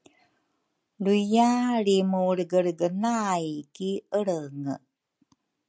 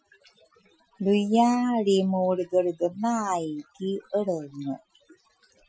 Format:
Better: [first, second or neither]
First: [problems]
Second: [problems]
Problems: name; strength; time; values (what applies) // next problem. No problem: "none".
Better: first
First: none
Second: noise reduction (classical method Wiener filter)